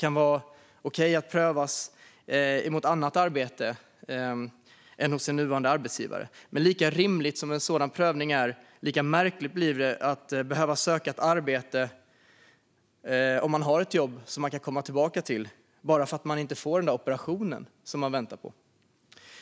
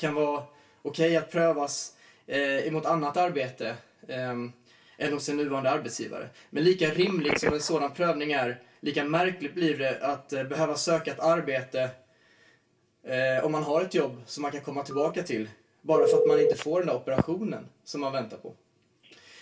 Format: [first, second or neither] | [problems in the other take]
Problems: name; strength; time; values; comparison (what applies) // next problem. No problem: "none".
first | background sound (Telephone); 6 dB below the speech // room echo; dies away in 0.2 s